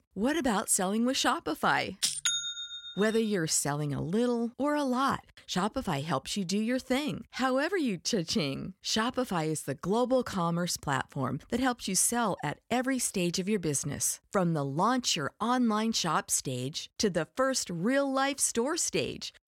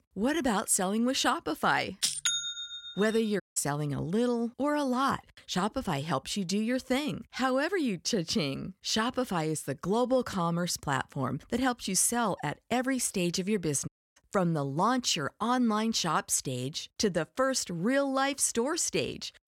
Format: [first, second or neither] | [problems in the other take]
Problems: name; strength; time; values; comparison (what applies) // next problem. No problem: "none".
first | audio cutting out; at 3.5 s and at 14 s